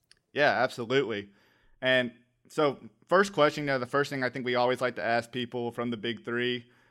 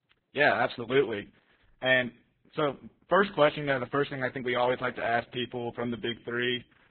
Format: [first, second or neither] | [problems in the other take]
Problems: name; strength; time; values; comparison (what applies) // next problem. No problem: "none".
first | garbled, watery; badly